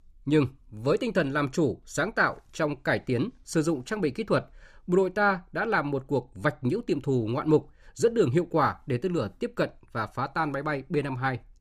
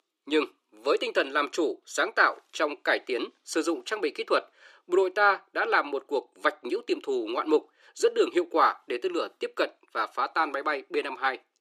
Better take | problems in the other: first | thin; very; fading below 350 Hz

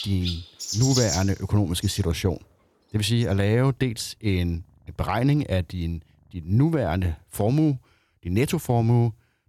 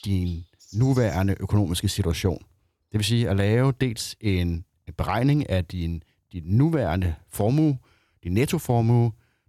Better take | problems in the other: second | animal sounds; loud; until 6.5 s; 6 dB below the speech; faint in the second

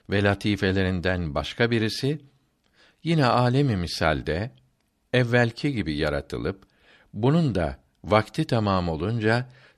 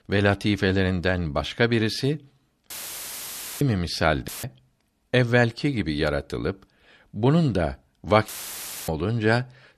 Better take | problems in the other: first | audio cutting out; filled with static; at 2.5 s for 1 s, at 4.5 s and at 8.5 s for 0.5 s

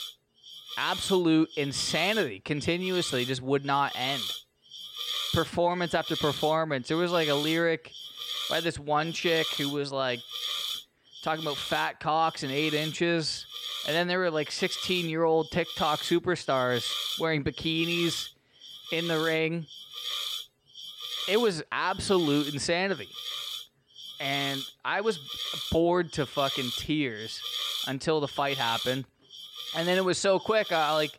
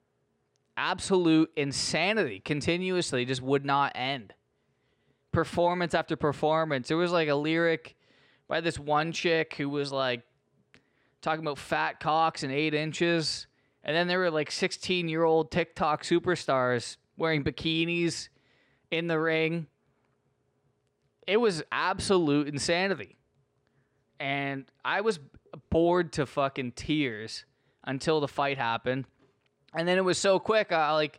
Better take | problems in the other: second | hiss; loud; throughout; 6 dB below the speech

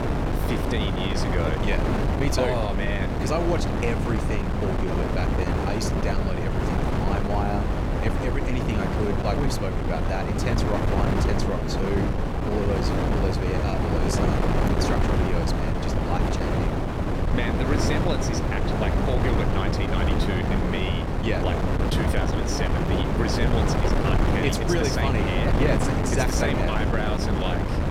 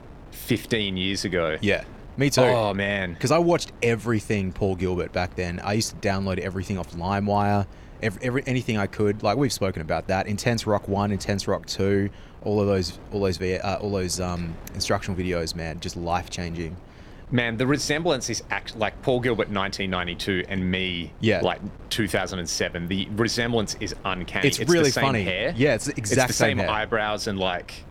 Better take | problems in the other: second | wind noise on the microphone; heavy; 2 dB above the speech; occasional gusts in the second

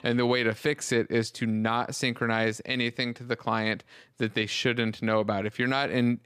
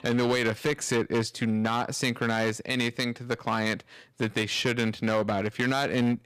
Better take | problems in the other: first | distortion; slight; 10% of the sound clipped

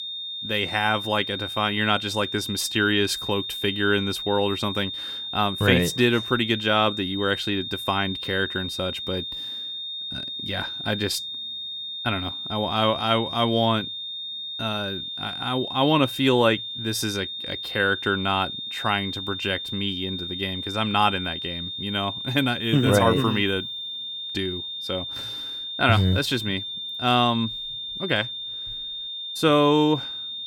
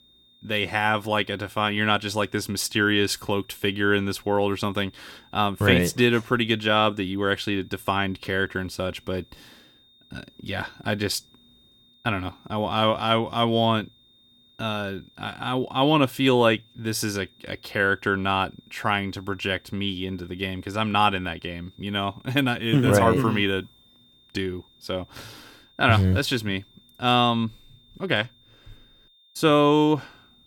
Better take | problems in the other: second | high-pitched whine; loud; throughout; 3.5 kHz, 6 dB below the speech; faint in the second

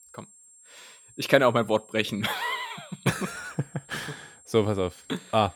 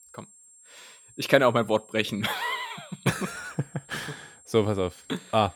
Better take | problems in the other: neither | high-pitched whine; faint; throughout; 7.5 kHz, 25 dB below the speech; the same in both

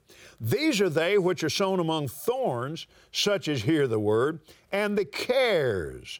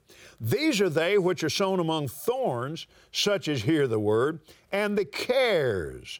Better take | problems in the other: neither | none

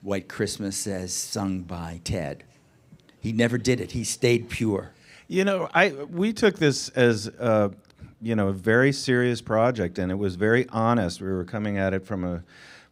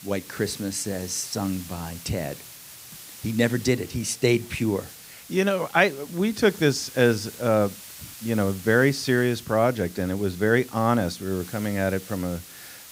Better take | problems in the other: first | hiss; noticeable; throughout; 15 dB below the speech

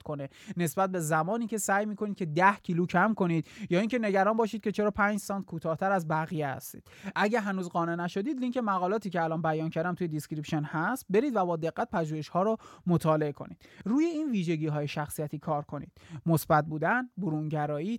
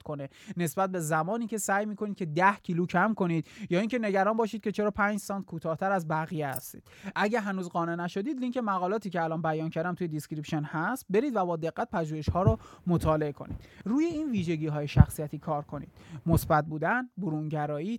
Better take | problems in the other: first | jangling keys; faint; at 6.5 s; peak 10 dB below the speech // footsteps; loud; from 12 to 16 s; peak 6 dB above the speech

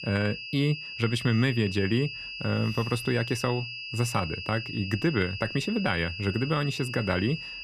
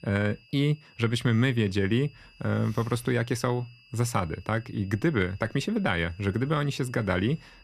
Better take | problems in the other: second | high-pitched whine; loud; throughout; 2.5 kHz, 7 dB below the speech; faint in the second

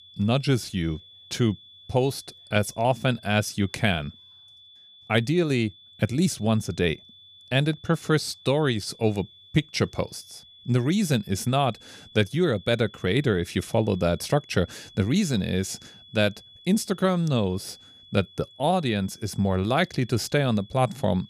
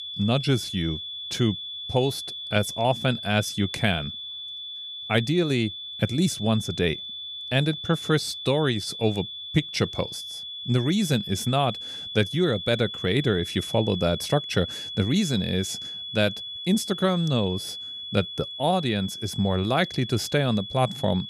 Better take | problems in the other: first | high-pitched whine; loud; throughout; 3.5 kHz, 8 dB below the speech; faint in the first

